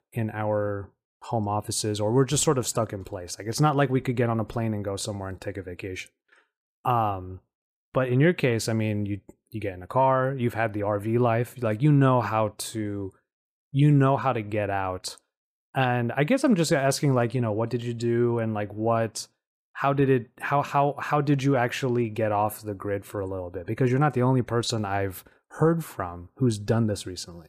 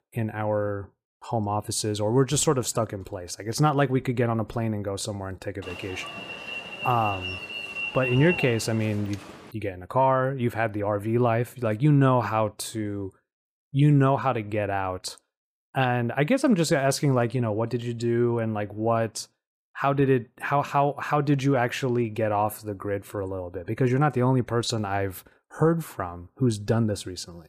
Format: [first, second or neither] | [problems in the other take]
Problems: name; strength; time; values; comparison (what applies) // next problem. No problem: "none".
first | alarm; noticeable; from 5.5 to 9.5 s; peak 3 dB below the speech